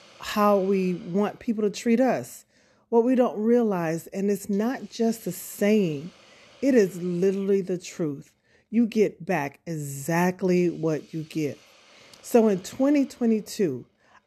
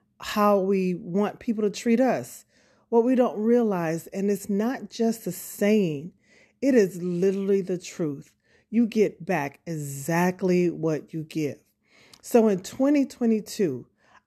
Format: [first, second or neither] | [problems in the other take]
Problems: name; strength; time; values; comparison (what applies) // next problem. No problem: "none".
second | hiss; faint; throughout; 30 dB below the speech